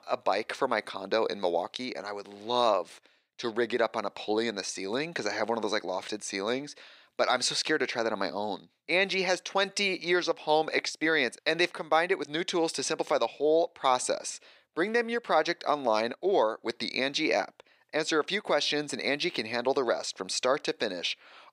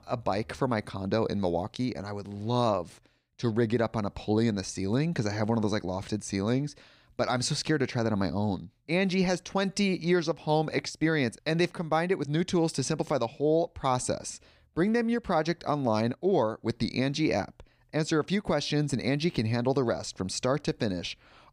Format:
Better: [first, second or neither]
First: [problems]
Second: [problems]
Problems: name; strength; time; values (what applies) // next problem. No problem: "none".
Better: second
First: thin; somewhat; fading below 450 Hz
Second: none